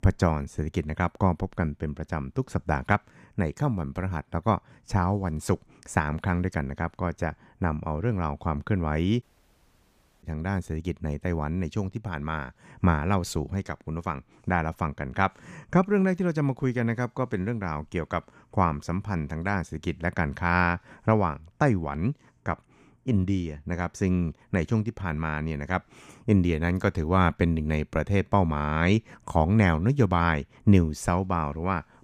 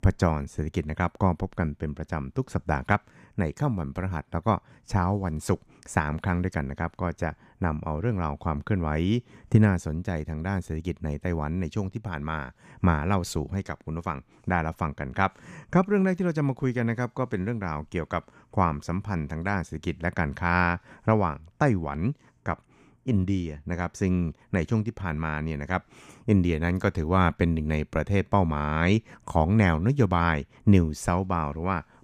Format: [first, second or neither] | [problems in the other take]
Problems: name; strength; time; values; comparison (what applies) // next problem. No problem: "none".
second | audio cutting out; at 9 s for 1 s